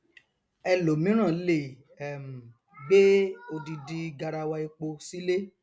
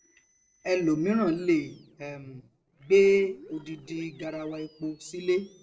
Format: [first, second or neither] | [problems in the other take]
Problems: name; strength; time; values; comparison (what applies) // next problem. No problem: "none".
first | noise reduction (neural separator model SepFormer DNS4)